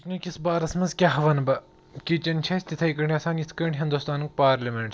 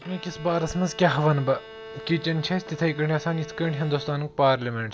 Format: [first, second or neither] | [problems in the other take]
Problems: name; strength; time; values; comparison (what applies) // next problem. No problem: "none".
first | background sound (Bowed string instrument); 16 dB below the speech